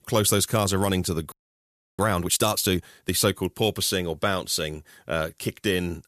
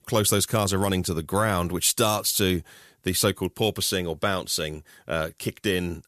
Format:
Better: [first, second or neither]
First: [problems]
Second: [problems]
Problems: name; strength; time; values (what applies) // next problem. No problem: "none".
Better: second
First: audio freezing; at 1.5 s for 0.5 s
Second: none